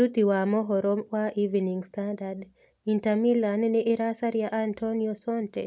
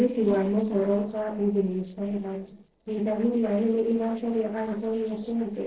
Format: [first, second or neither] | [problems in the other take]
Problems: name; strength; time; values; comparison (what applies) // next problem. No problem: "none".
first | noise reduction (neural separator model SepFormer DNS4)